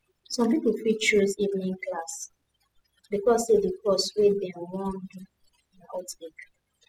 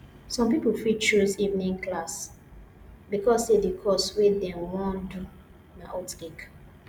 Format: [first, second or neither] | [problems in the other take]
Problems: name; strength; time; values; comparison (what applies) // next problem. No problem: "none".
second | noise reduction (classical method spectral subtraction)